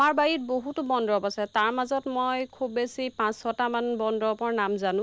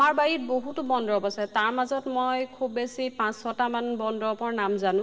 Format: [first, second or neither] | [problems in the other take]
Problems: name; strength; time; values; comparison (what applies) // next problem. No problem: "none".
first | room echo; dies away in 2.5 s